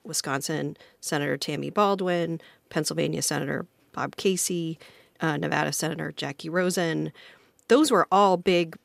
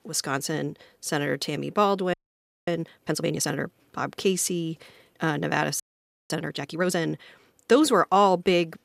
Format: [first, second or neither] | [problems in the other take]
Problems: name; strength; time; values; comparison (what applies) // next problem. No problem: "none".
first | audio freezing; at 2 s for 0.5 s and at 6 s for 0.5 s